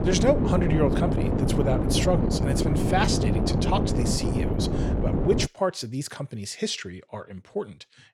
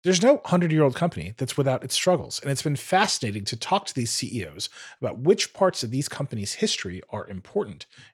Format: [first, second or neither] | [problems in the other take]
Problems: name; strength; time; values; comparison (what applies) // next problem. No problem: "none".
second | wind noise on the microphone; heavy; until 5.5 s; 2 dB below the speech